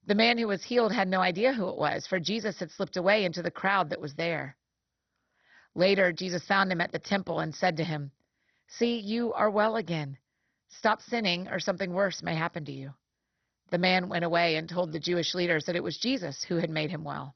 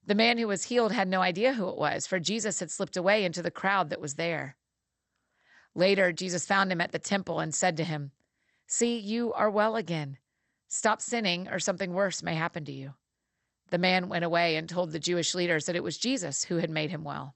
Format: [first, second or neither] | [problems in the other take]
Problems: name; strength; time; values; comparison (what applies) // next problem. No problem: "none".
second | garbled, watery; badly; nothing above 6 kHz; slightly in the second